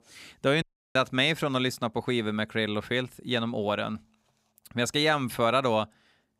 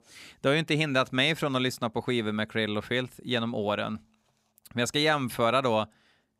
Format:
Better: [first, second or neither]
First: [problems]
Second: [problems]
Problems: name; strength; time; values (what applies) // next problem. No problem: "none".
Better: second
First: audio cutting out; at 0.5 s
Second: none